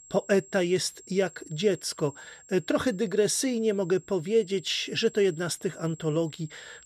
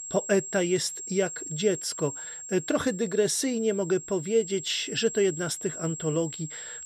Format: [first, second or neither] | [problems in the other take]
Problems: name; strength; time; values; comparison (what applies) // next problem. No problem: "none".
first | high-pitched whine; loud; throughout; 7.5 kHz, 9 dB below the speech; faint in the first